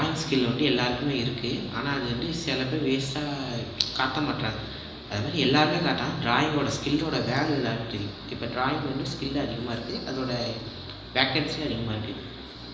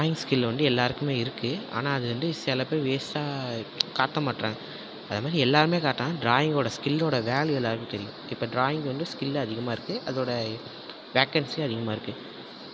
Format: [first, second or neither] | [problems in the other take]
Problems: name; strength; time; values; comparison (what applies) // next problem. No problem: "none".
second | background sound (Bass guitar); 18 dB below the speech // room echo; dies away in 1 s